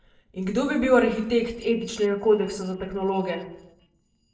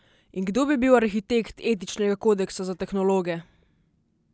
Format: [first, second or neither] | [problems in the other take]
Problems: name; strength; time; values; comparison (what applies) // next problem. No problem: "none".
second | noise reduction (neural separator model SepFormer DNS4)